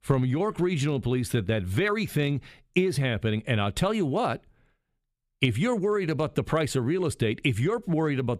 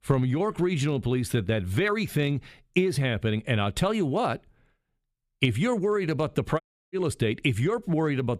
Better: first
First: none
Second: audio cutting out; at 6.5 s

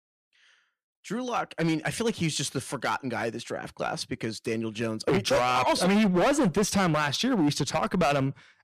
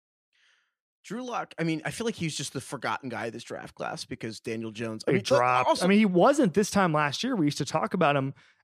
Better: second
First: distortion; heavy; 9% of the sound clipped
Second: none

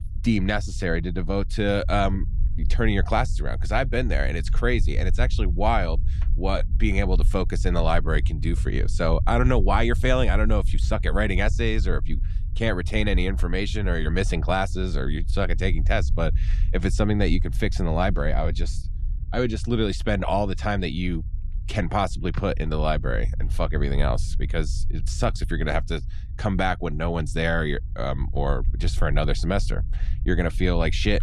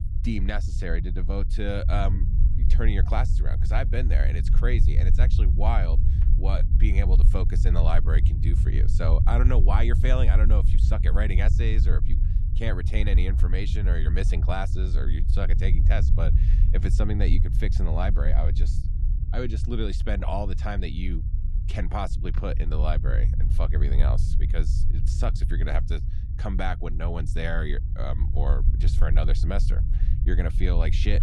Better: first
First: low rumble; faint; throughout; 20 dB below the speech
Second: low rumble; loud; throughout; 8 dB below the speech

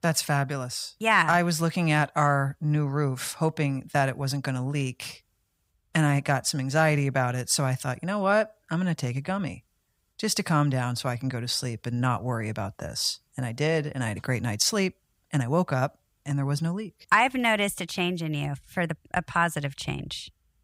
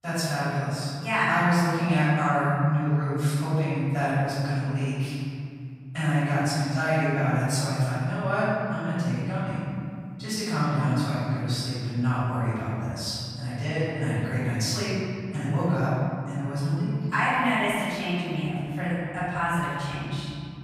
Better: first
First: none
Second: off-mic speech; far // room echo; strong; dies away in 2.5 s

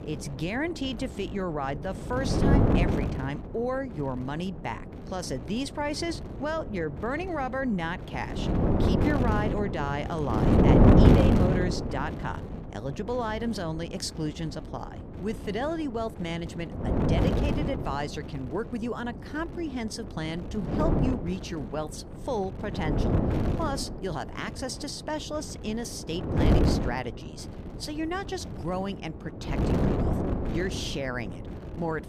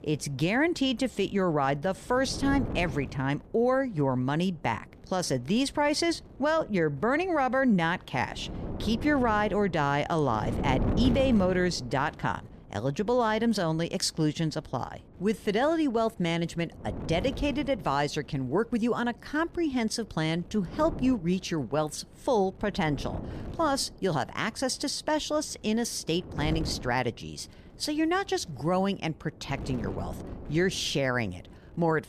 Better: second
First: wind noise on the microphone; heavy; 1 dB above the speech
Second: wind noise on the microphone; occasional gusts; 15 dB below the speech

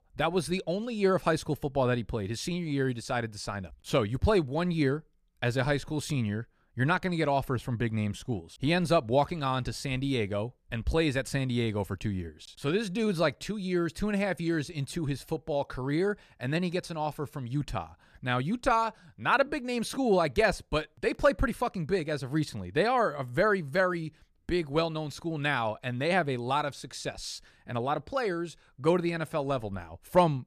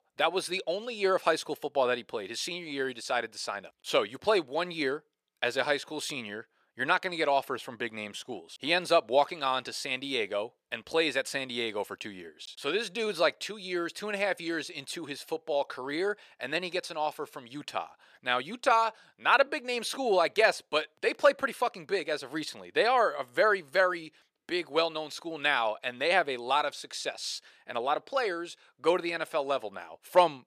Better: first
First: none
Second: thin; somewhat; fading below 500 Hz

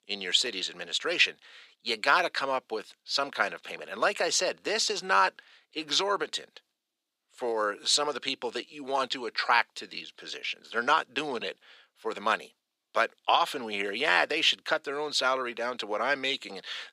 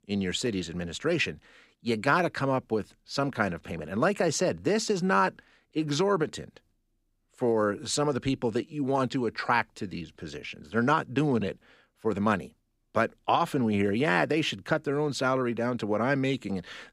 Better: second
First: thin; very; fading below 600 Hz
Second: none

